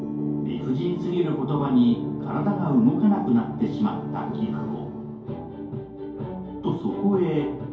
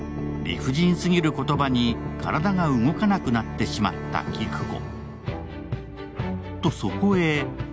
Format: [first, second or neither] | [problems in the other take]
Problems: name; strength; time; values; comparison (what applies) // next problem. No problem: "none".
second | room echo; dies away in 2.4 s